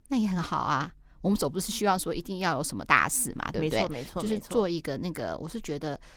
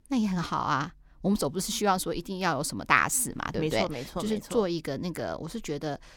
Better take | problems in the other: second | garbled, watery; slightly; nothing above 17.5 kHz

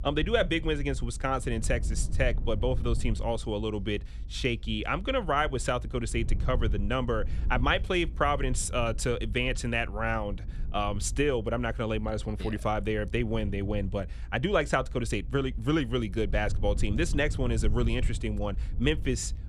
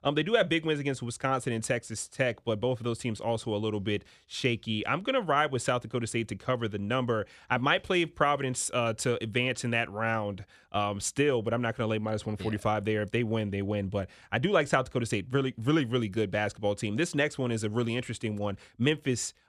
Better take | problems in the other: second | low rumble; faint; throughout; 20 dB below the speech

